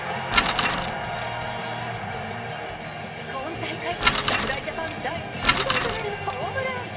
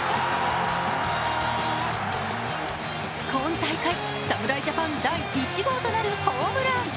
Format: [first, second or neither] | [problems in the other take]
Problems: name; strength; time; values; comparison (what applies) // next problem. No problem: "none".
second | background sound (Bicycle); 2 dB above the speech // room echo; dies away in 2 s